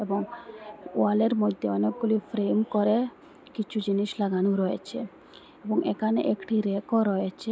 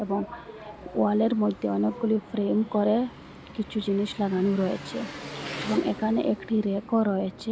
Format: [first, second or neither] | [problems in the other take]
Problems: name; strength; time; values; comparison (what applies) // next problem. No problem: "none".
first | background sound (Engine); 15 dB below the speech